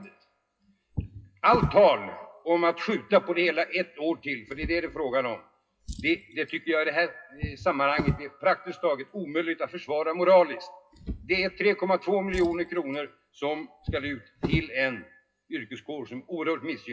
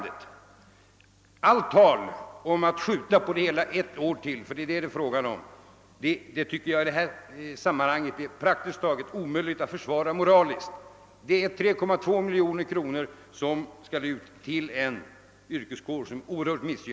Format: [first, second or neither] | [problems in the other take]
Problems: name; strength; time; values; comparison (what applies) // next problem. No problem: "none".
second | noise reduction (classical method WPE with log-MMSE)